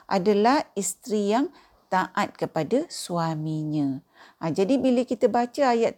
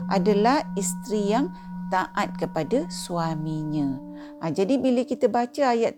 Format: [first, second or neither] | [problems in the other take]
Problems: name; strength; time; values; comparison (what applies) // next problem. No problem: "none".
first | background music; noticeable; throughout; 10 dB below the speech